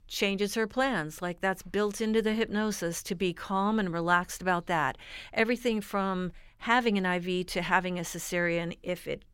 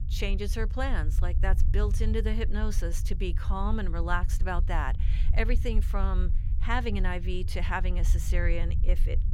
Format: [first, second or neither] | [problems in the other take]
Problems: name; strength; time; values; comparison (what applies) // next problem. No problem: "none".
first | low rumble; noticeable; throughout; 15 dB below the speech